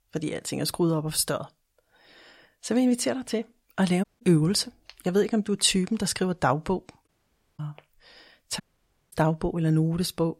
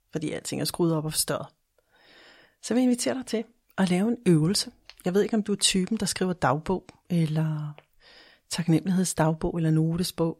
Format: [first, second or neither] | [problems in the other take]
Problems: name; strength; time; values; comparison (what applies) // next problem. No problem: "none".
second | audio cutting out; at 4 s, at 7 s for 0.5 s and at 8.5 s for 0.5 s